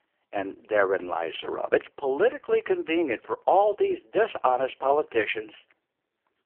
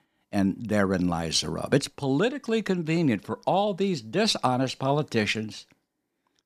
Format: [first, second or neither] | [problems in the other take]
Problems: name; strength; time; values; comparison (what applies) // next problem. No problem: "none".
second | phone-call audio; poor line; nothing above 3 kHz